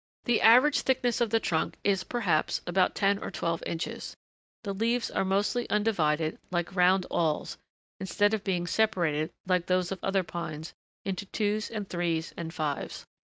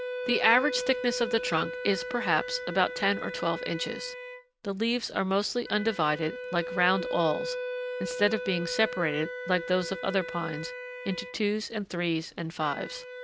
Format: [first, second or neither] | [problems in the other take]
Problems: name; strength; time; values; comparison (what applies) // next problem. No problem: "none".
first | background sound (Wind instrument, woodwind instrument); 8 dB below the speech